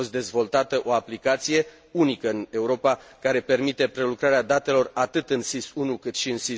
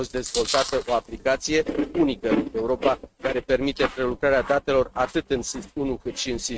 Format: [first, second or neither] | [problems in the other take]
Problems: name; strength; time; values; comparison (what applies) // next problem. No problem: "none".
first | noise reduction (neural mask model RNNoise)